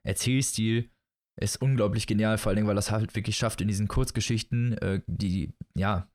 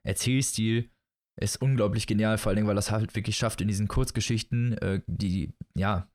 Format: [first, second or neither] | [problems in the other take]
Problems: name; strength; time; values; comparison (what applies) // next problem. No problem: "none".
neither | none